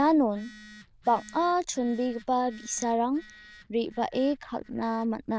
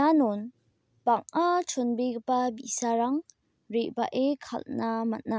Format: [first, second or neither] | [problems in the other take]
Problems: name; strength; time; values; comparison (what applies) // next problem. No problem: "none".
second | noise reduction (neural diffusion model UNIVERSE++)